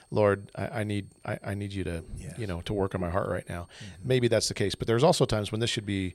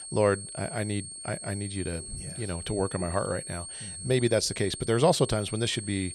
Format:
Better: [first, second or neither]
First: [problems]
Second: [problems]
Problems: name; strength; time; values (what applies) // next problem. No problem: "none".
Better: first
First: high-pitched whine; faint; throughout; 8.5 kHz, 35 dB below the speech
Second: high-pitched whine; loud; throughout; 8.5 kHz, 9 dB below the speech